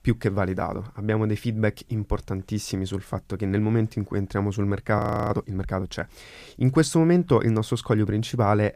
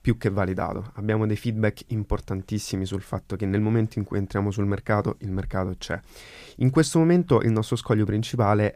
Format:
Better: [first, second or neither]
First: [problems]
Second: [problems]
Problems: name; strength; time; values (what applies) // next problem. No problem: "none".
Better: second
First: audio freezing; at 5 s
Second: none